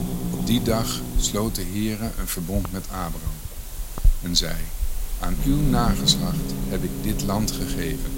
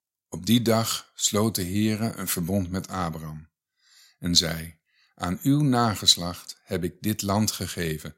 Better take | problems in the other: second | hiss; loud; throughout; 4 dB below the speech

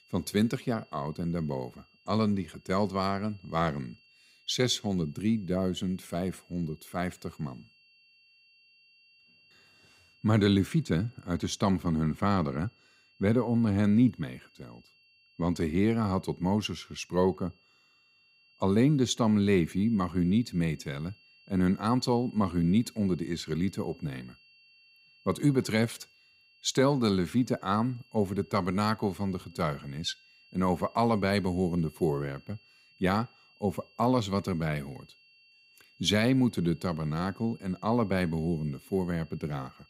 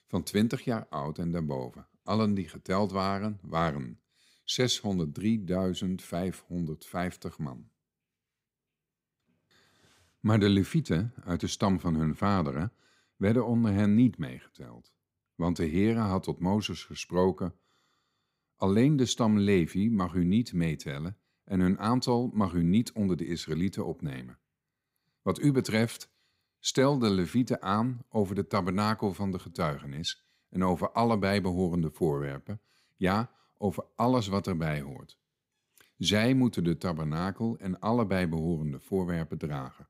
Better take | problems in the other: second | high-pitched whine; faint; throughout; 2.5 kHz, 30 dB below the speech

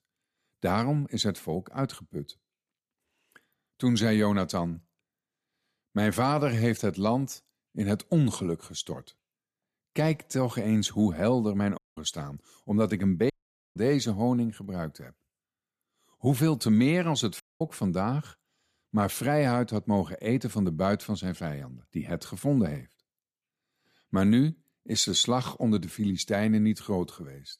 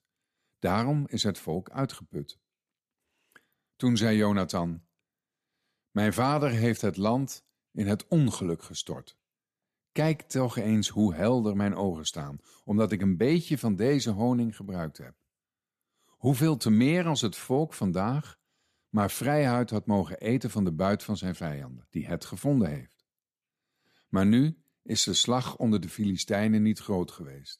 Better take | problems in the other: second | audio cutting out; at 12 s, at 13 s and at 17 s

